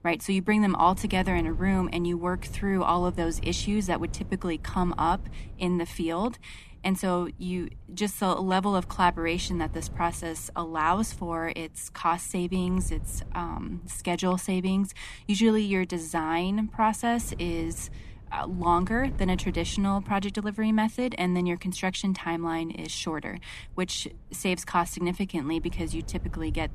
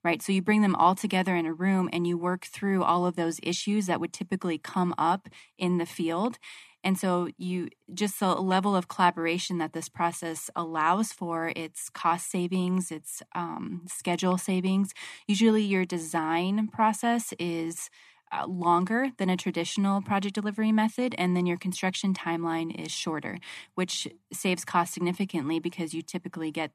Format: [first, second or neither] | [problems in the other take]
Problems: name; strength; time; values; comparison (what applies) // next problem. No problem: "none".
second | wind noise on the microphone; occasional gusts; 25 dB below the speech